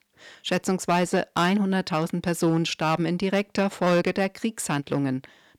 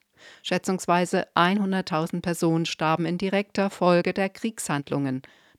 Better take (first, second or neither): second